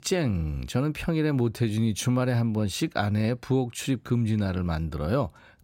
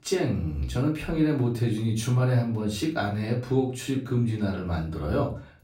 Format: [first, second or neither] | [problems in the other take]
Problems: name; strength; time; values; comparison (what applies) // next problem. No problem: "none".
first | room echo; slight; dies away in 0.3 s // off-mic speech; far